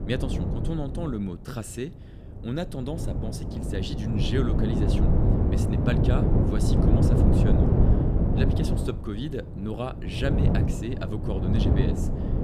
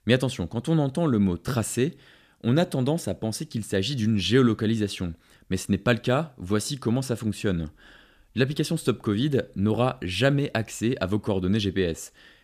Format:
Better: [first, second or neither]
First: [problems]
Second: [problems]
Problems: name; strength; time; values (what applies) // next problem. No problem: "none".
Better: second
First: wind noise on the microphone; heavy; 3 dB above the speech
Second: none